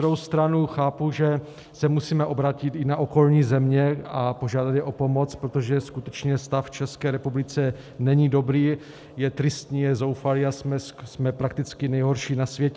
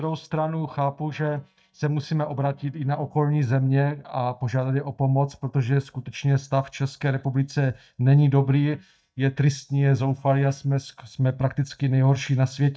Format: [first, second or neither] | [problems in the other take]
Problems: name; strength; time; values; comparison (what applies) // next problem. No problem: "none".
first | noise reduction (neural mask model DeepFilterNet 3)